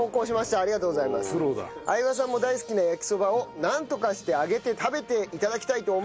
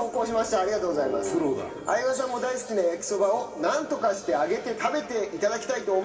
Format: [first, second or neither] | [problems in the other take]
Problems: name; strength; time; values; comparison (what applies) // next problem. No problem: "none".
first | room echo; dies away in 2.3 s